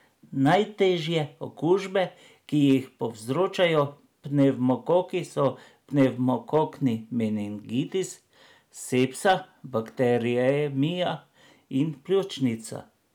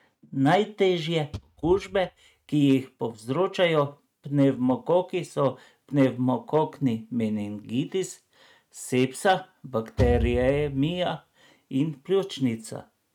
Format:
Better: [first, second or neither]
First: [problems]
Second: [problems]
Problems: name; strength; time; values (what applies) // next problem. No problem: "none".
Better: first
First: none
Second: noise reduction (neural mask model RNNoise)